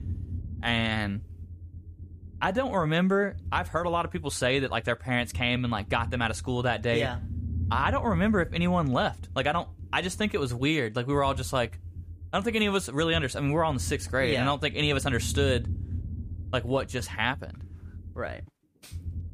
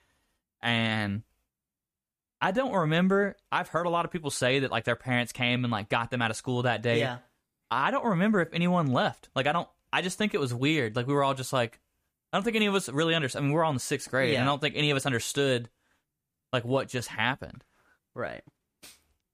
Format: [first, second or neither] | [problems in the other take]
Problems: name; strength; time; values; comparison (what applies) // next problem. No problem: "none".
second | low rumble; faint; throughout; 25 dB below the speech